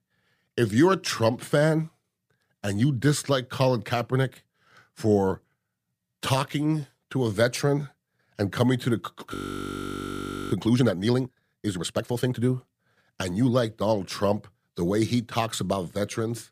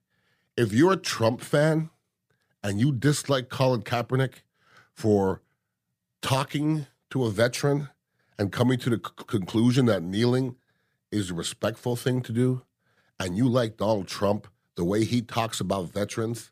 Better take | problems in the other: second | audio freezing; at 9.5 s for 1 s

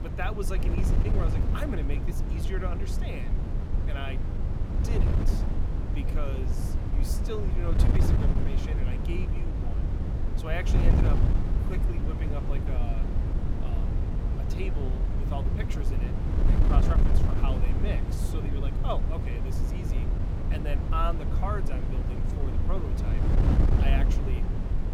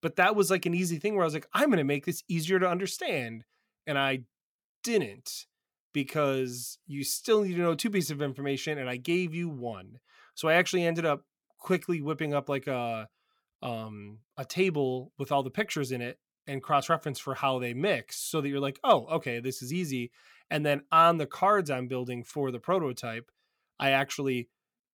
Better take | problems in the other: second | wind noise on the microphone; heavy; 1 dB below the speech

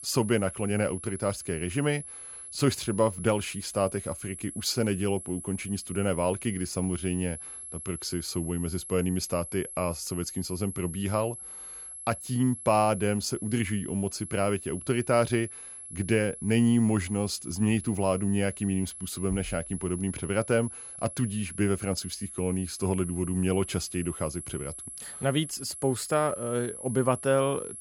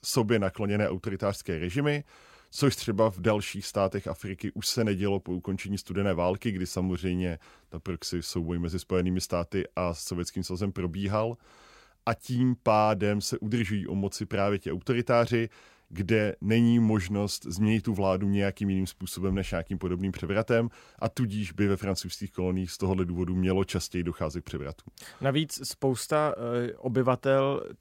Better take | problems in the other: second | high-pitched whine; noticeable; throughout; 11 kHz, 10 dB below the speech

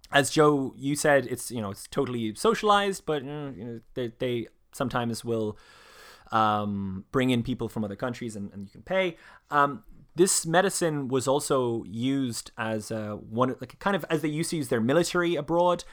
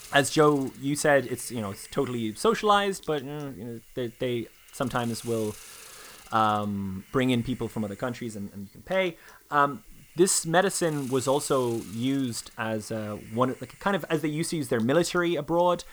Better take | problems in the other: first | hiss; faint; throughout; 20 dB below the speech

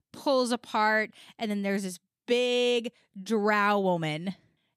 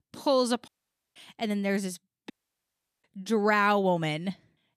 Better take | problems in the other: first | audio cutting out; at 0.5 s and at 2.5 s for 0.5 s

